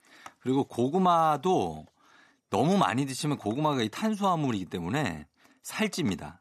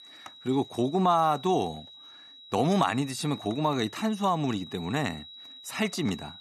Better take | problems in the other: first | high-pitched whine; noticeable; throughout; 4 kHz, 15 dB below the speech

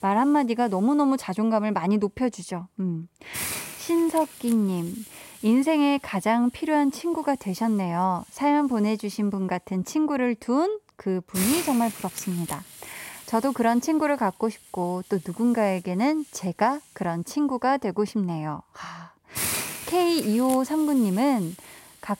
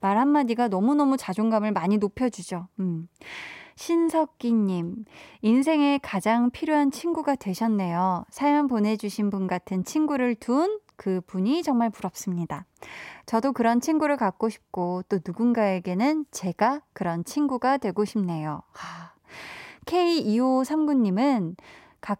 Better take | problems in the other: second | hiss; loud; throughout; 9 dB below the speech

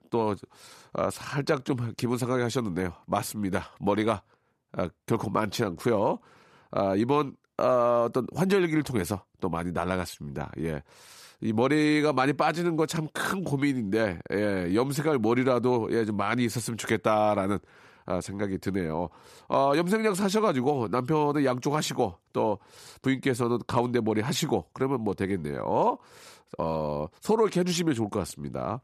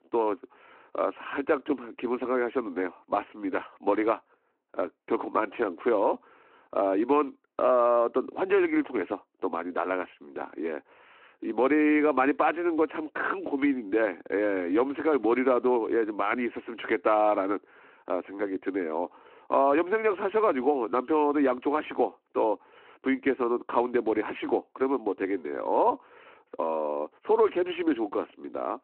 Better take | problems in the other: first | phone-call audio

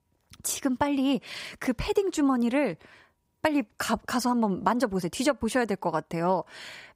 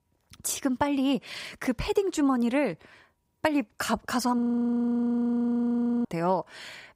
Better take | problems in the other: first | audio freezing; at 4.5 s for 1.5 s

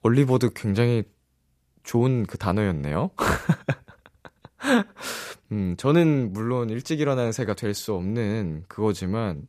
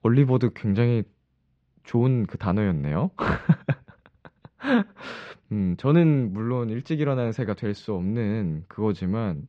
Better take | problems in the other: first | muffled; slightly; fading above 3.5 kHz

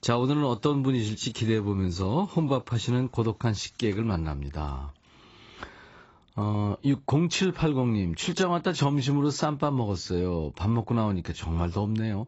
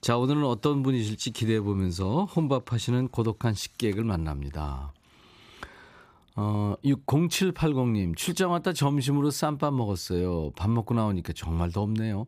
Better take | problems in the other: second | garbled, watery; badly; nothing above 7.5 kHz

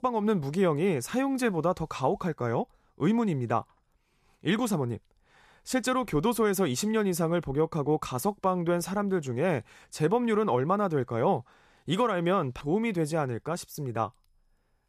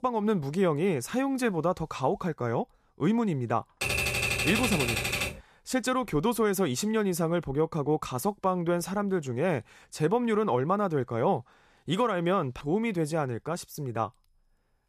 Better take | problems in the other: first | keyboard typing; loud; from 4 to 5.5 s; peak 3 dB above the speech

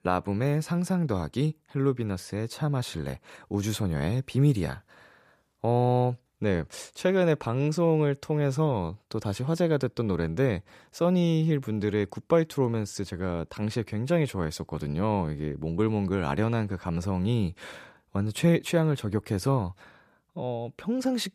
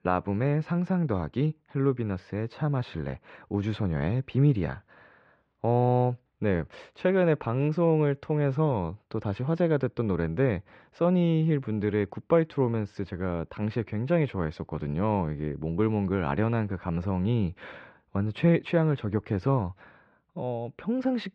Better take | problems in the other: first | muffled; very; fading above 3 kHz

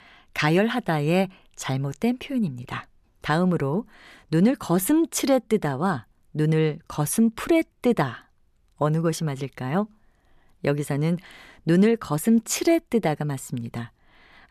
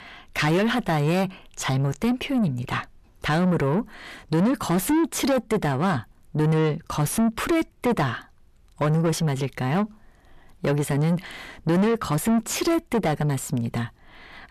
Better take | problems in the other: first | distortion; heavy; 7 dB below the speech

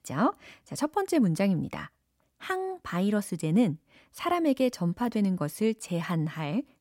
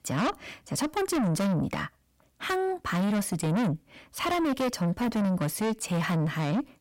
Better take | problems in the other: first | distortion; heavy; 6 dB below the speech

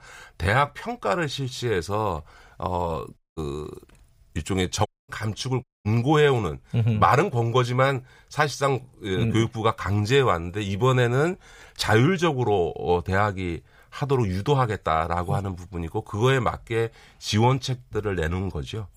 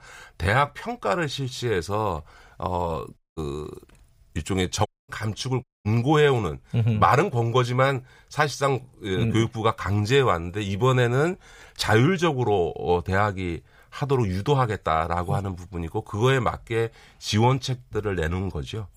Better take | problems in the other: neither | audio cutting out; at 3 s, at 5 s and at 5.5 s; the same in both

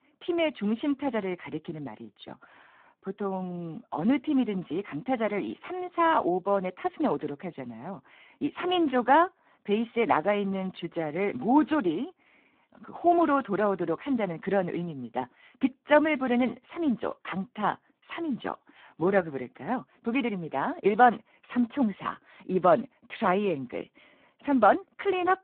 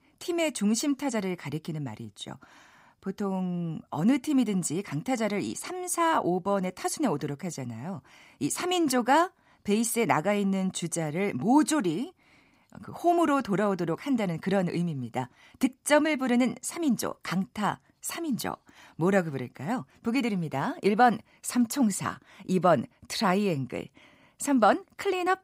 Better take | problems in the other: second | phone-call audio; poor line

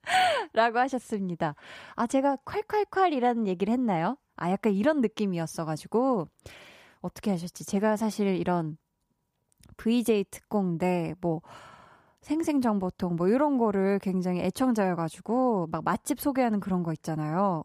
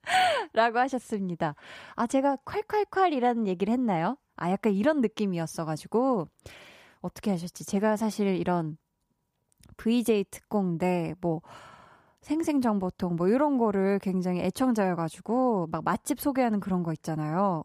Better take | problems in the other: neither | none

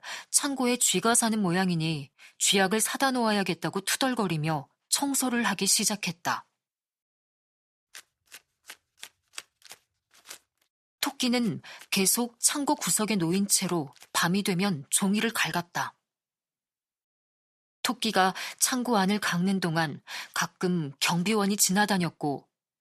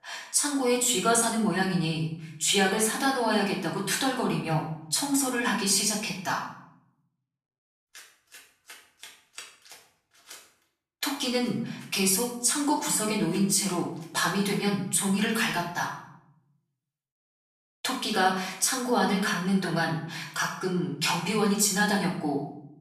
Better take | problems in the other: first | room echo; noticeable; dies away in 0.6 s // off-mic speech; far

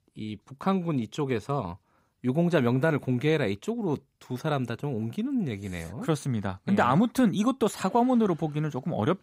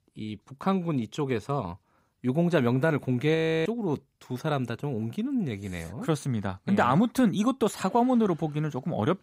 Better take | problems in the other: first | audio freezing; at 3.5 s

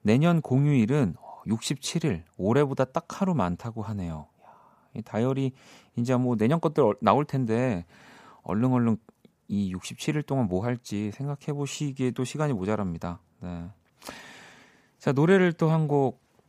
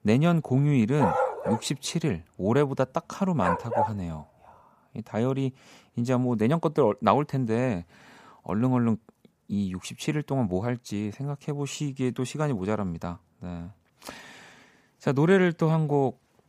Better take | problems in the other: first | dog barking; loud; from 1 to 4 s; peak 1 dB above the speech

